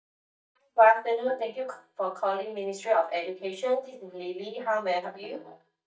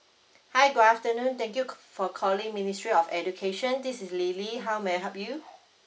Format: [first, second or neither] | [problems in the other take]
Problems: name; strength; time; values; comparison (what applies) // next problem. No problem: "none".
second | noise reduction (neural mask model DeepFilterNet 3)